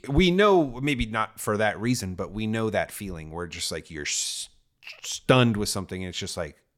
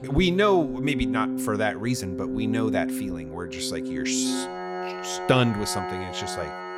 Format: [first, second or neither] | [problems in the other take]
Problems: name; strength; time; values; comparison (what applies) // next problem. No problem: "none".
first | background music; loud; throughout; 4 dB below the speech